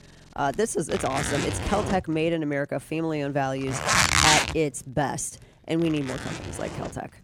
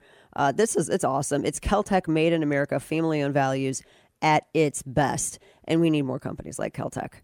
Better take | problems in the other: second | household noises; very loud; throughout; 3 dB above the speech

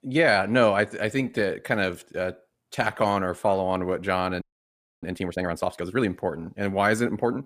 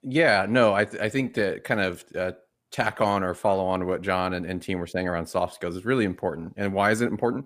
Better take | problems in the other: second | audio freezing; at 4.5 s for 0.5 s

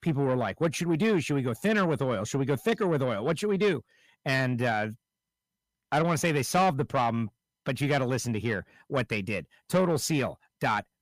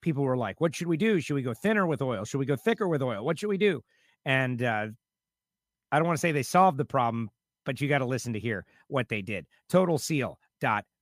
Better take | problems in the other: second | distortion; slight; 10 dB below the speech

